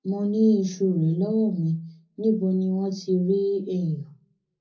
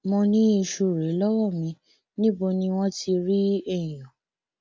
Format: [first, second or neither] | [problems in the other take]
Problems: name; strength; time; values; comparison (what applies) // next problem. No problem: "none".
second | room echo; dies away in 0.4 s